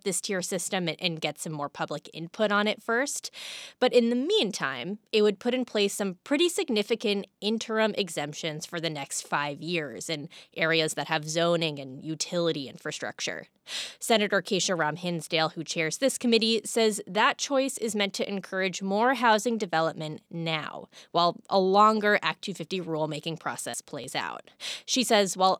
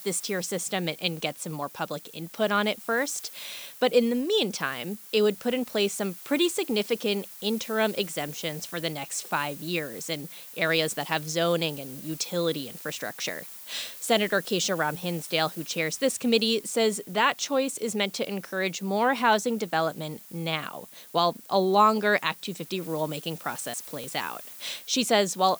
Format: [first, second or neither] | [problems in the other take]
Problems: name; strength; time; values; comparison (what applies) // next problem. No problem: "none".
first | hiss; noticeable; throughout; 15 dB below the speech